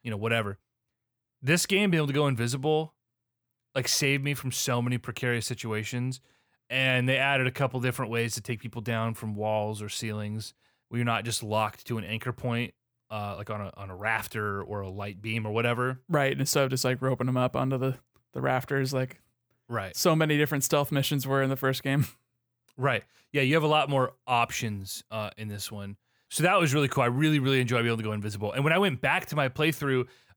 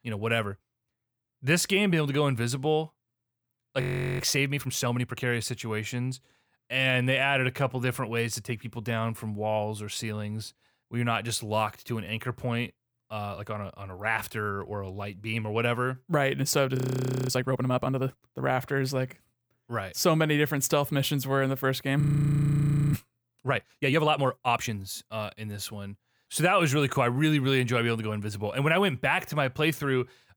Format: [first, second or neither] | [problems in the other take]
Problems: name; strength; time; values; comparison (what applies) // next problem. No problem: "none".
first | audio freezing; at 4 s, at 17 s for 0.5 s and at 22 s for 1 s